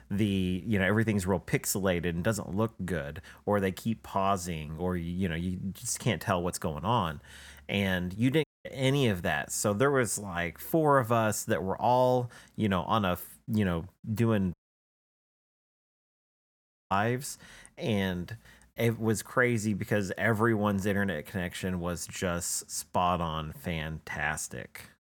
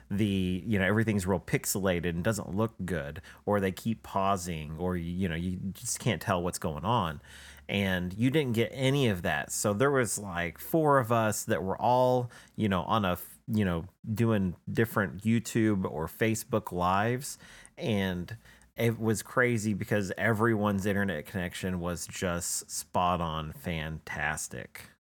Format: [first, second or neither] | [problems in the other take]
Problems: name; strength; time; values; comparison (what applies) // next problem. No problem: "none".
second | audio cutting out; at 8.5 s and at 15 s for 2.5 s